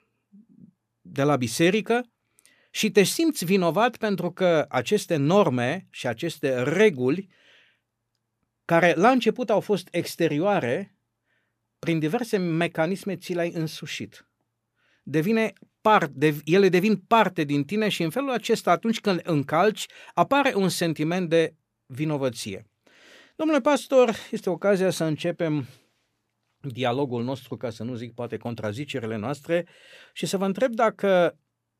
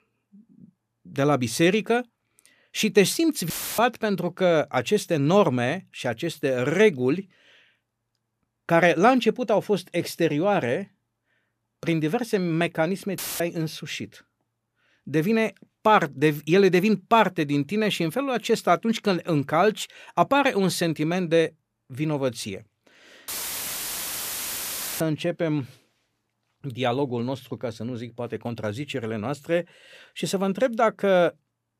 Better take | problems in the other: first | audio cutting out; filled with static; at 3.5 s, at 13 s and at 23 s for 1.5 s

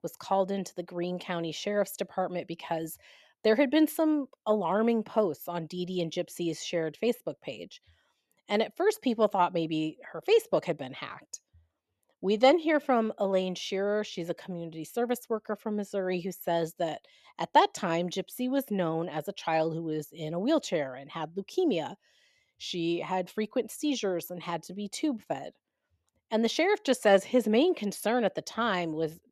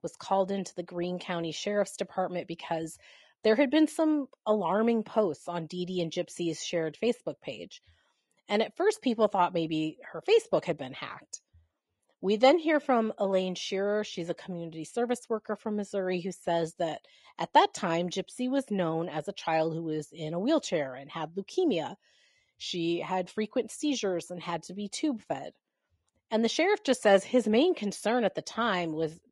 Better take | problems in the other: first | garbled, watery; slightly; nothing above 10.5 kHz

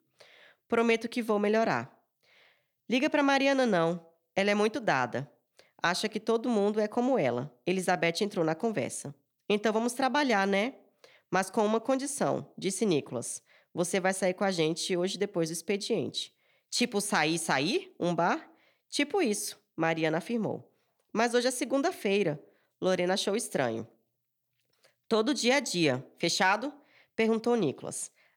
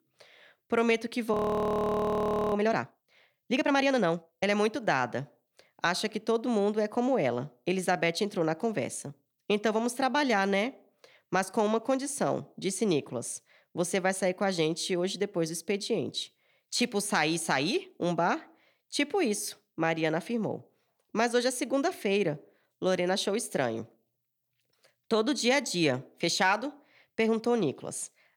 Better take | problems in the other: first | audio freezing; at 1.5 s for 1 s

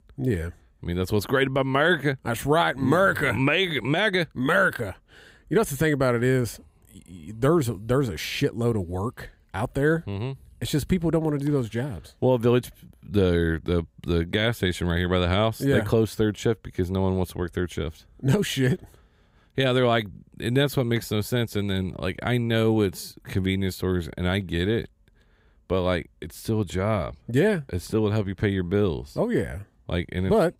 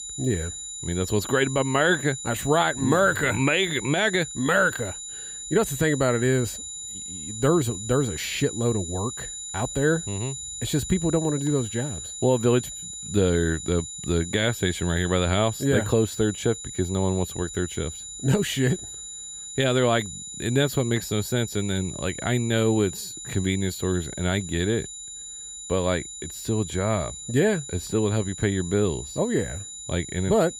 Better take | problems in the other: first | high-pitched whine; loud; throughout; 7 kHz, 9 dB below the speech

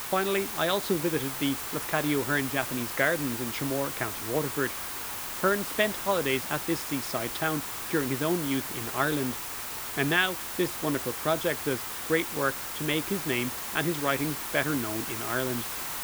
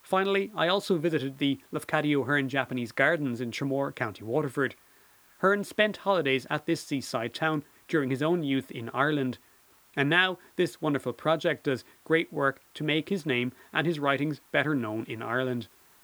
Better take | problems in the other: second | hiss; loud; throughout; 3 dB below the speech; faint in the second

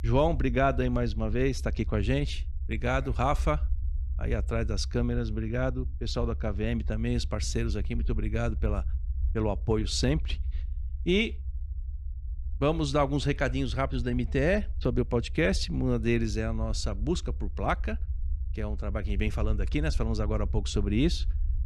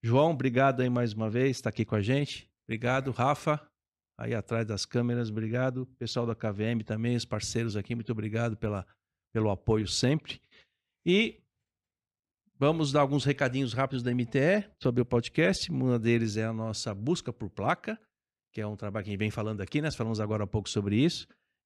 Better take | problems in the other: second | low rumble; faint; throughout; 25 dB below the speech

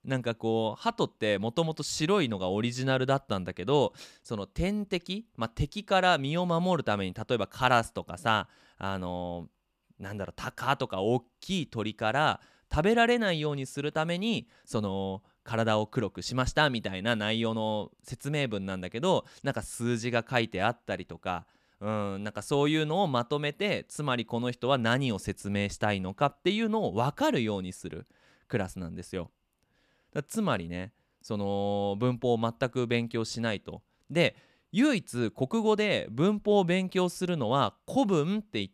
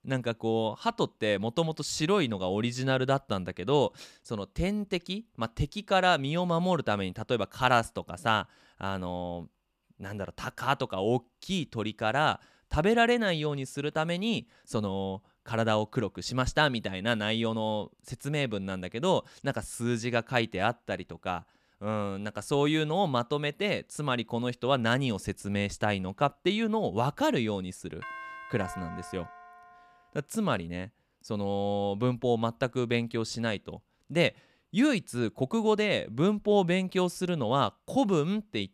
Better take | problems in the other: first | doorbell; faint; from 28 to 30 s; peak 10 dB below the speech

